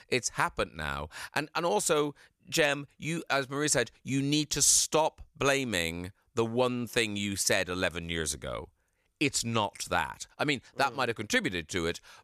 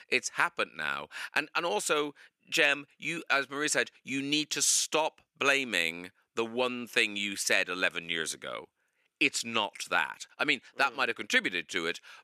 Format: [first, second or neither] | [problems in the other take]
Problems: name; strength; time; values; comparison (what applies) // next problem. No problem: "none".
first | thin; very slightly; fading below 250 Hz